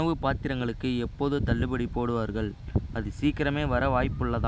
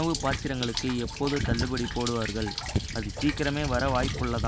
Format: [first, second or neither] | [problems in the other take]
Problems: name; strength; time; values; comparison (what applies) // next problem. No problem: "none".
first | background sound (Rain); 9 dB below the speech